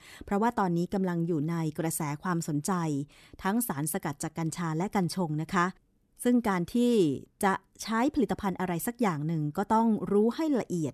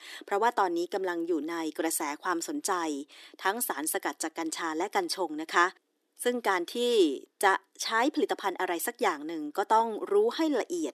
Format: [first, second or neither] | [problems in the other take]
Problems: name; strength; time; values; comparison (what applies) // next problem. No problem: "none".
first | thin; somewhat; fading below 300 Hz